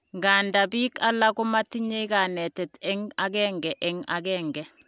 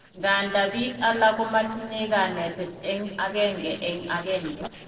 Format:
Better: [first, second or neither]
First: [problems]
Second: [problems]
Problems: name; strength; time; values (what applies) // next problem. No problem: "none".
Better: first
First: none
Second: noise reduction (neural separator model SepFormer DNS4)